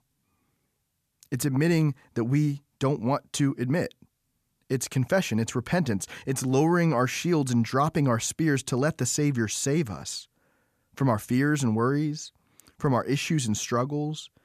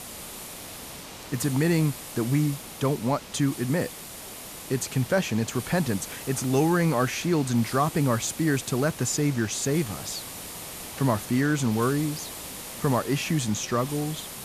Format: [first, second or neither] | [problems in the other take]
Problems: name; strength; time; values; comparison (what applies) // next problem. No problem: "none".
first | hiss; noticeable; throughout; 10 dB below the speech